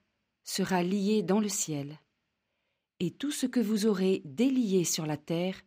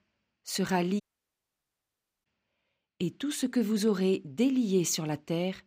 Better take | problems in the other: first | audio cutting out; at 1 s for 1.5 s

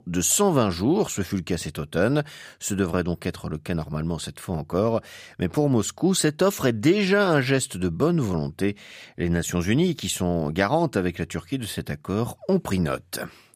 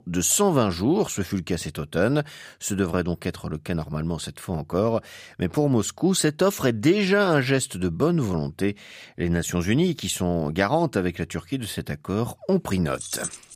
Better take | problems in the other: first | jangling keys; noticeable; at 13 s; peak 7 dB below the speech

